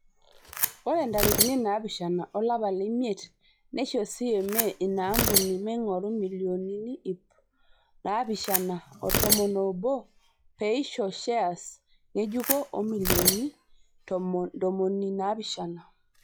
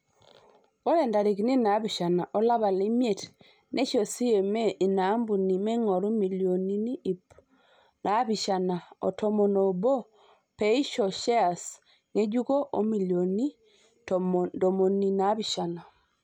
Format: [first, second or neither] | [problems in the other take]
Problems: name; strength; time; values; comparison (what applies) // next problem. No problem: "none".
second | noise reduction (classical method log-MMSE)